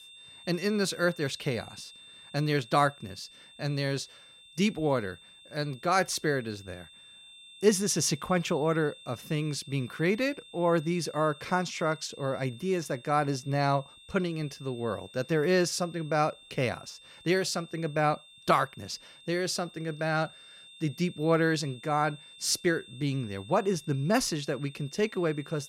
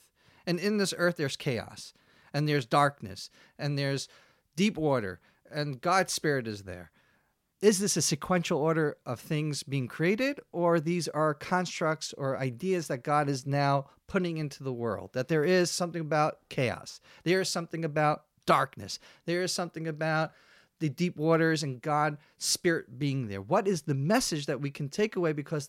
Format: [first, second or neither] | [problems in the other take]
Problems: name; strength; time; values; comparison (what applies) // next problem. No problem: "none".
second | high-pitched whine; faint; throughout; 3.5 kHz, 20 dB below the speech